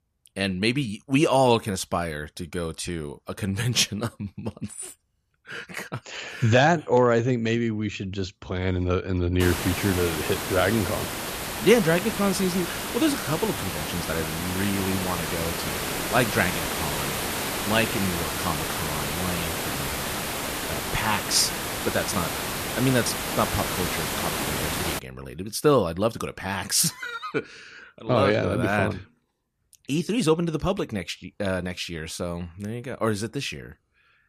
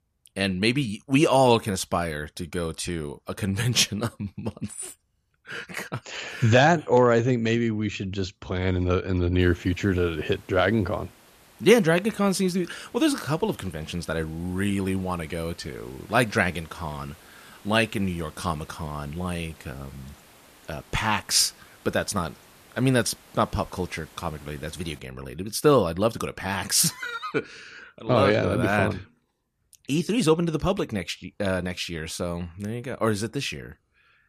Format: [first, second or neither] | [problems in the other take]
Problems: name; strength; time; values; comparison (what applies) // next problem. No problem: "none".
second | hiss; loud; from 9.5 to 25 s; 3 dB below the speech; faint in the second